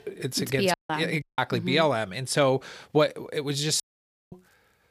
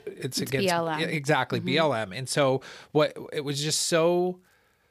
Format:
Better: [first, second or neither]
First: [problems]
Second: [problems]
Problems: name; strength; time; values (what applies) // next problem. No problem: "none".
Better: second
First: audio cutting out; at 0.5 s, at 1 s and at 4 s for 0.5 s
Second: none